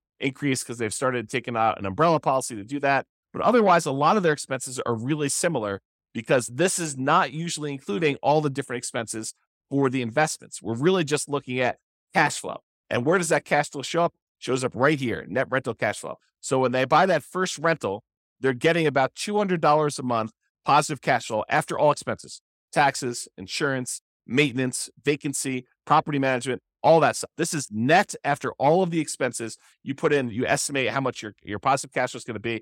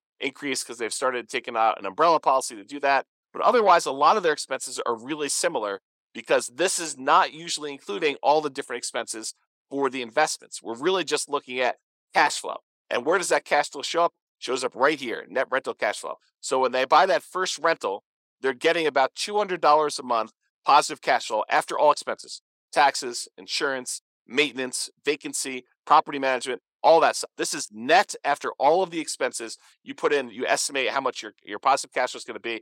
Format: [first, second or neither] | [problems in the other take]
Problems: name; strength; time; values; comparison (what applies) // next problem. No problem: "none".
first | thin; somewhat; fading below 400 Hz